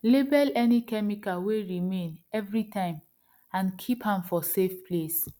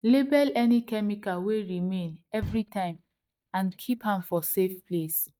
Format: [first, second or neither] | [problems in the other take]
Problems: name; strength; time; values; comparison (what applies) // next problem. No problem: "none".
first | noise reduction (neural mask model DeepFilterNet 3)